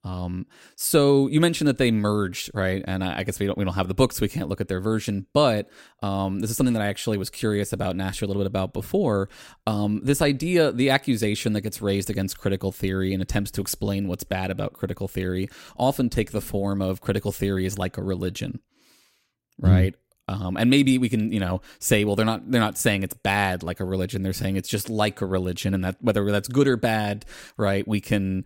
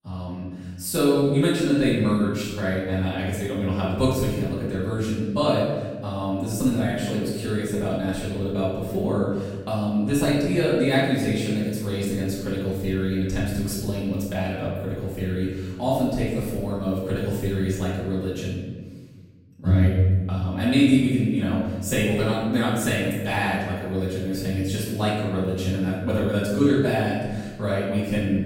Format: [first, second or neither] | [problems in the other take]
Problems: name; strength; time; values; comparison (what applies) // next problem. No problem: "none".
first | room echo; noticeable; dies away in 1.3 s // off-mic speech; far